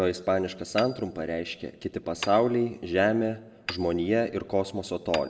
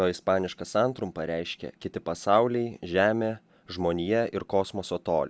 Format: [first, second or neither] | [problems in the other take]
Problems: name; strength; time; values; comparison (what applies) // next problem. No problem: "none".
second | background sound (Hammer); 16 dB below the speech // room echo; dies away in 1 s